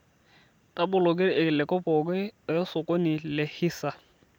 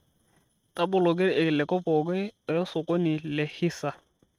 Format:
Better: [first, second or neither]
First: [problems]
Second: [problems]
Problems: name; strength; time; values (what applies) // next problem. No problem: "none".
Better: first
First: none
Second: noise reduction (neural mask model RNNoise)